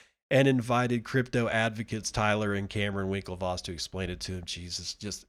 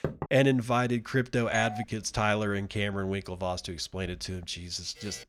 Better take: first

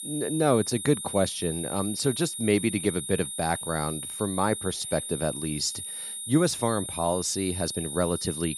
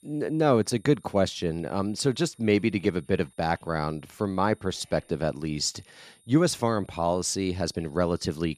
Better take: second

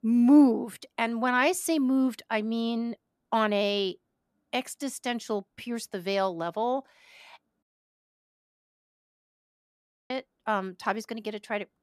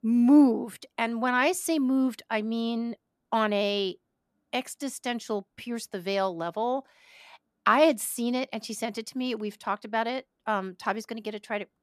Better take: second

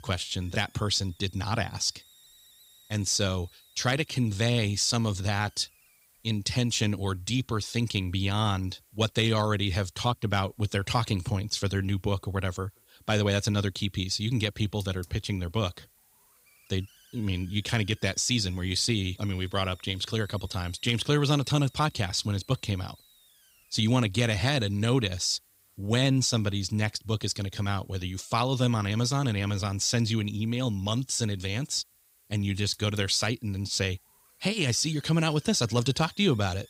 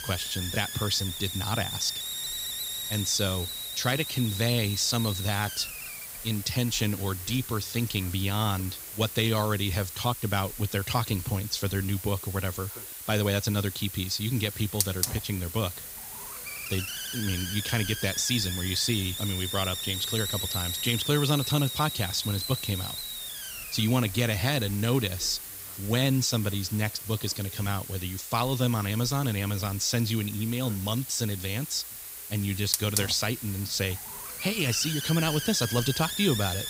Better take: first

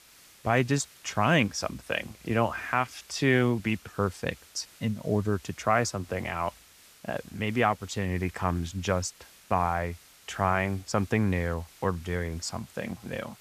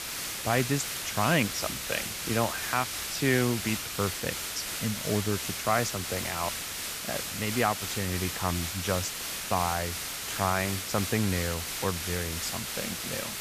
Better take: first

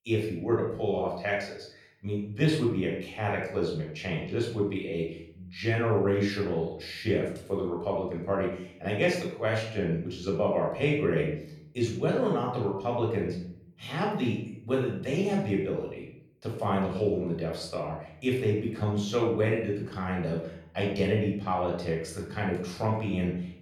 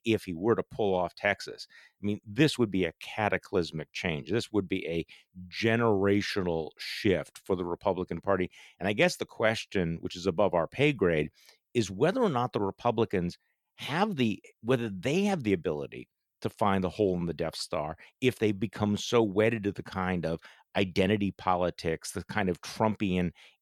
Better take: second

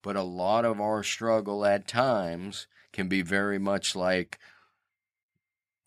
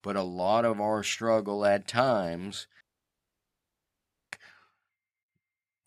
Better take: first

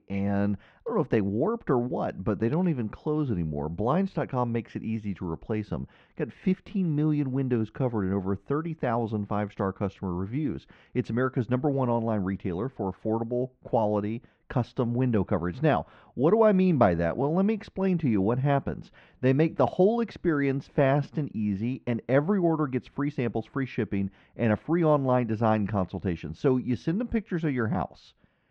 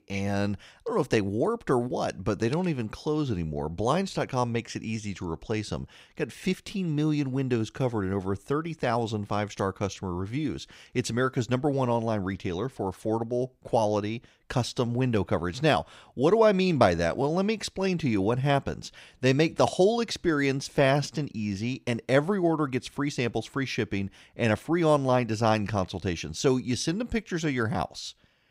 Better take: second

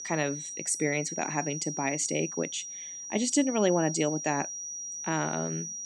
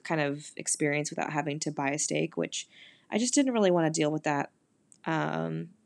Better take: second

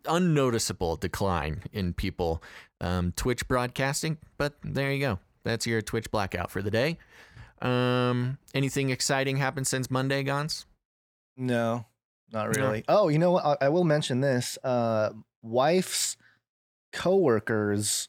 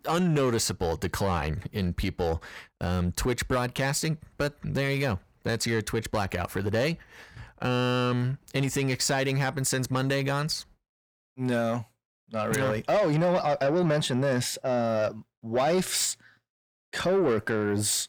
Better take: first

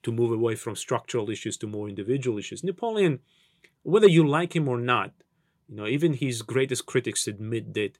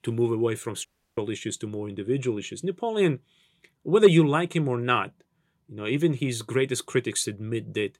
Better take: first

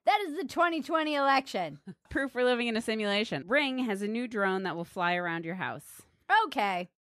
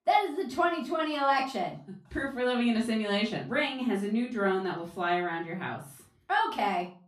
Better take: first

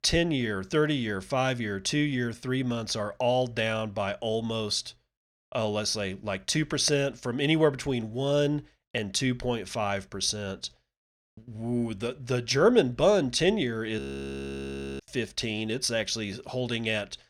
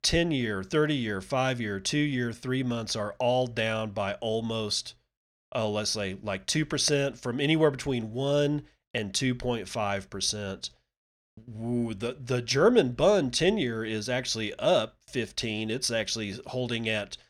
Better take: second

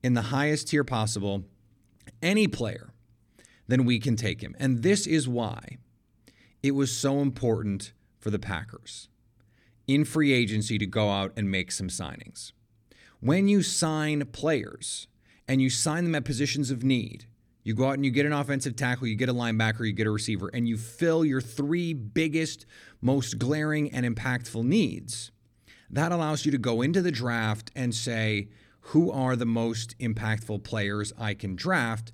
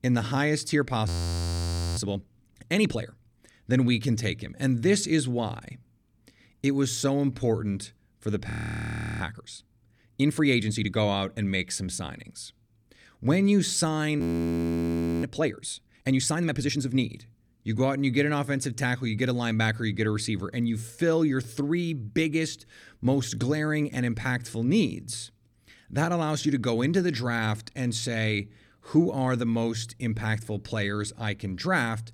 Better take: first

